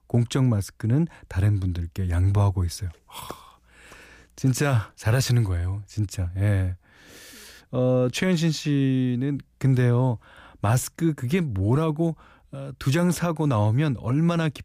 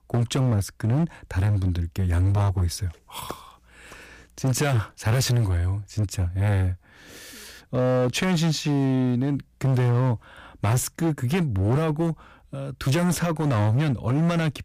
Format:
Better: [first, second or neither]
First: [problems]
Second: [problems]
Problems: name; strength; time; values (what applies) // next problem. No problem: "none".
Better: first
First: none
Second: distortion; slight; 16% of the sound clipped